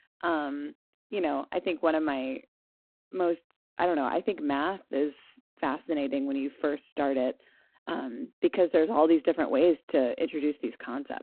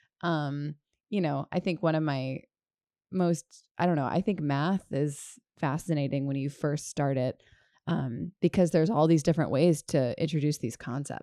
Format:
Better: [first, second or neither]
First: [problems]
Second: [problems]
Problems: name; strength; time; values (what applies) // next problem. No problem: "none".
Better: second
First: phone-call audio; poor line; nothing above 4 kHz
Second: none